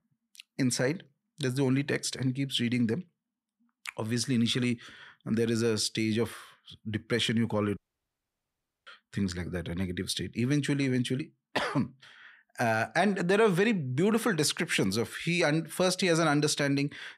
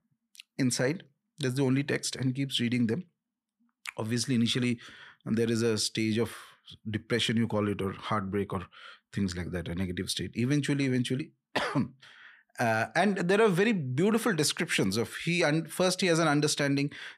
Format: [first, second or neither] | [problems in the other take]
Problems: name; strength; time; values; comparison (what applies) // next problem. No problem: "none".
second | audio cutting out; at 8 s for 1 s